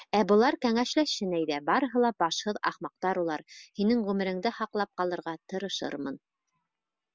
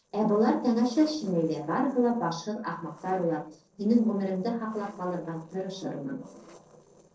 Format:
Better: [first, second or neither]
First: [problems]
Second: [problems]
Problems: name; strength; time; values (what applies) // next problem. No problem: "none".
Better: first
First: none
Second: noise reduction (neural separator model SepFormer DNS4)